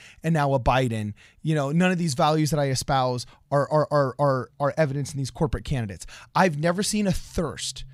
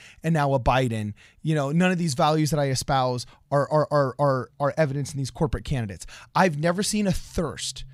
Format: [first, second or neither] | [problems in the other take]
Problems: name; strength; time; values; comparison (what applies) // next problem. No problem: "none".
neither | none